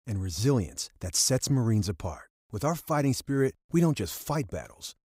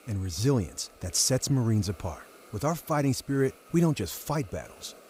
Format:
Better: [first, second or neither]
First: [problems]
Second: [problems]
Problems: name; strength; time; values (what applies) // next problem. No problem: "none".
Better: first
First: none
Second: hiss; faint; throughout; 25 dB below the speech